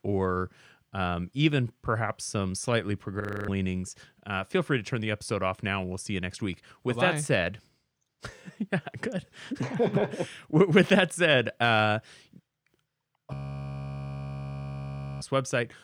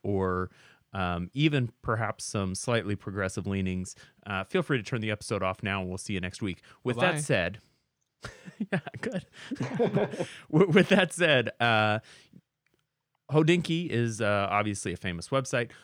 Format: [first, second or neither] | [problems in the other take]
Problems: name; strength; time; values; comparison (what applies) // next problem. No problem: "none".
second | audio freezing; at 3 s and at 13 s for 2 s